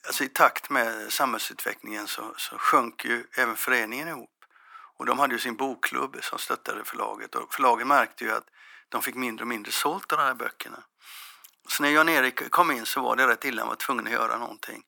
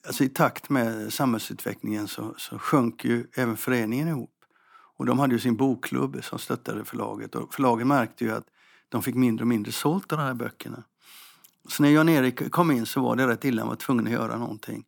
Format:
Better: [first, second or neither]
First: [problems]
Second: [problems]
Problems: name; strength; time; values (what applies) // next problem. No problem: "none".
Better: second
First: thin; very; fading below 600 Hz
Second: none